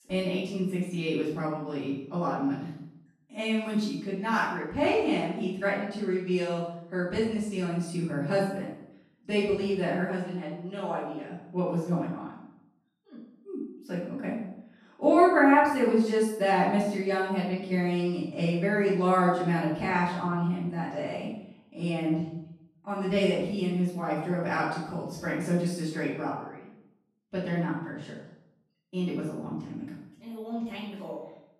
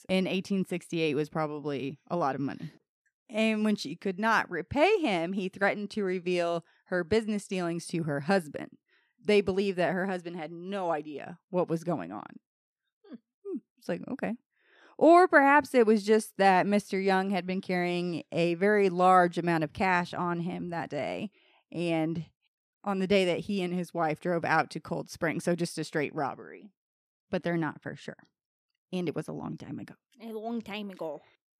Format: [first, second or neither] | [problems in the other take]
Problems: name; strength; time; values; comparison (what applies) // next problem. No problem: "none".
second | off-mic speech; far // room echo; noticeable; dies away in 0.7 s